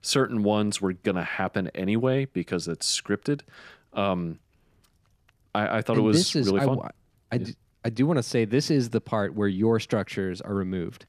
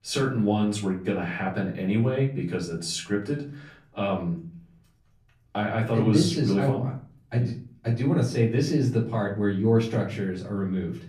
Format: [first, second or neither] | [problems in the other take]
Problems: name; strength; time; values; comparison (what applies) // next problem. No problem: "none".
first | off-mic speech; far // room echo; slight; dies away in 0.4 s